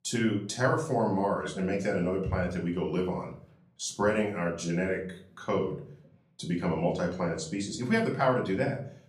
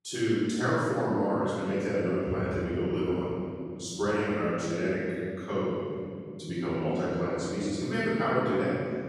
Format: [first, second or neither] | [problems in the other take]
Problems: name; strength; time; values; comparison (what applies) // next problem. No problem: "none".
first | room echo; strong; dies away in 3 s; slight in the first // off-mic speech; far; far in the first